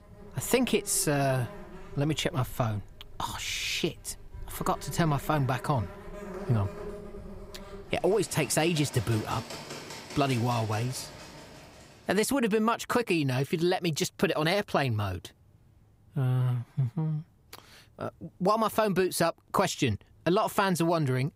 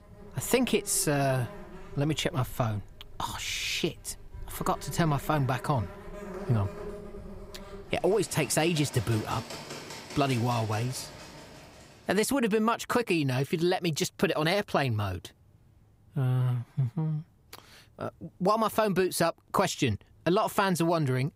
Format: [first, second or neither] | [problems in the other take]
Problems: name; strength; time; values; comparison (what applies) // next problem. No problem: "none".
neither | animal sounds; noticeable; until 12 s; 15 dB below the speech; the same in both